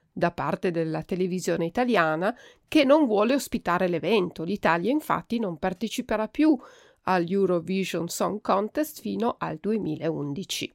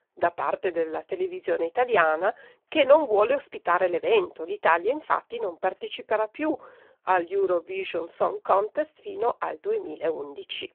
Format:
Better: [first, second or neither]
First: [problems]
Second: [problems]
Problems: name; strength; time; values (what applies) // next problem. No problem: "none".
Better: first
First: none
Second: phone-call audio; poor line